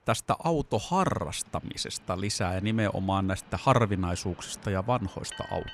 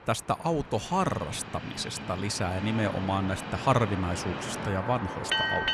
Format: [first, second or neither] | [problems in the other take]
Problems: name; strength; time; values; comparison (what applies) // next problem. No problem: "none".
first | train or aircraft noise; loud; throughout; 5 dB below the speech; faint in the first